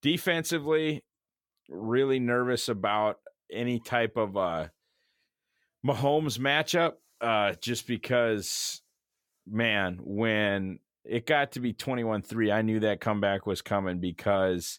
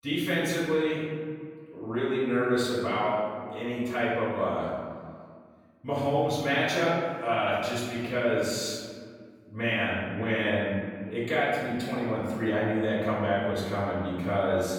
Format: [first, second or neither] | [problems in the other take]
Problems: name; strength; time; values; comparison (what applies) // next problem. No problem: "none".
first | room echo; strong; dies away in 1.7 s // off-mic speech; far